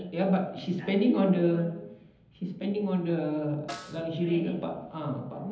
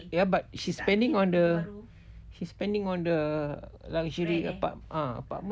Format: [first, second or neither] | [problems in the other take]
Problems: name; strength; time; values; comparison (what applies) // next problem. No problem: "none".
second | background sound (Snare drum); 18 dB below the speech // room echo; dies away in 0.9 s